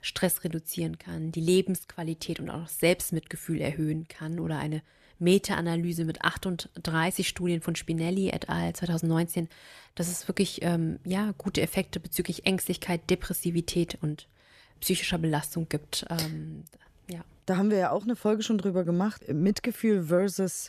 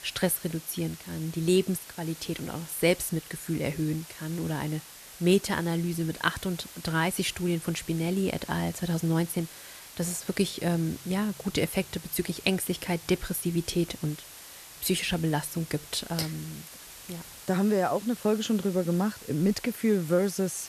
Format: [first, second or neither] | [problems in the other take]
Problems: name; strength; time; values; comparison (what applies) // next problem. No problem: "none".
first | hiss; noticeable; throughout; 15 dB below the speech